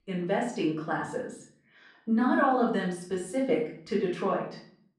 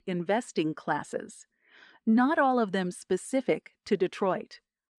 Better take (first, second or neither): second